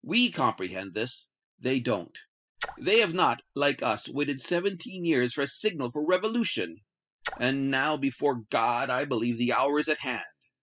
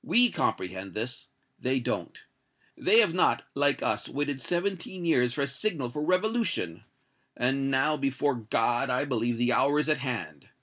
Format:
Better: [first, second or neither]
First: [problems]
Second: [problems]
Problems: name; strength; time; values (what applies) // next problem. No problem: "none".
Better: second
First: noise reduction (classical method spectral subtraction)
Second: none